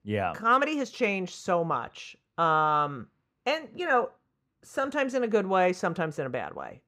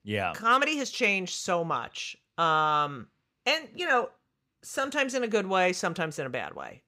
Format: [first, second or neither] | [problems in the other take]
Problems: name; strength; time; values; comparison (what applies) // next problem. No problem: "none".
second | muffled; slightly; fading above 2 kHz